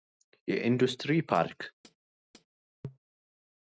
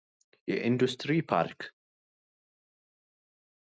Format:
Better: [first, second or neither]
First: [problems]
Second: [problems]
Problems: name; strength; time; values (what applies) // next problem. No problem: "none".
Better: second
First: noise reduction (neural mask model RNNoise)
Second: none